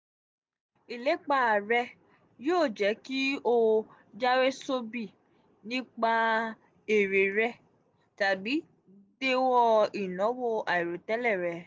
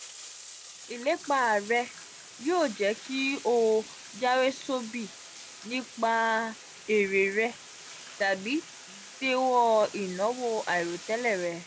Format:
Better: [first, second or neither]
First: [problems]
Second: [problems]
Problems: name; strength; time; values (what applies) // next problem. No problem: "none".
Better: first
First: none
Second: background sound (Bathtub (filling or washing)); 16 dB below the speech